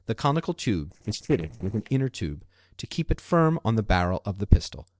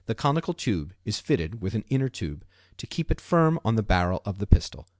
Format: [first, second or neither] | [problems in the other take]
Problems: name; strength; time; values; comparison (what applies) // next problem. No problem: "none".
second | noise reduction (neural separator model SepFormer DNS4)